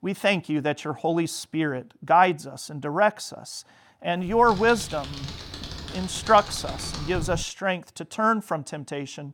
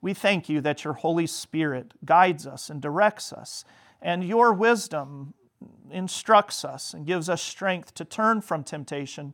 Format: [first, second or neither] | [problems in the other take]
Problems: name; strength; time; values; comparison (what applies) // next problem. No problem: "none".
second | keyboard typing; noticeable; from 4.5 to 7.5 s; peak 8 dB below the speech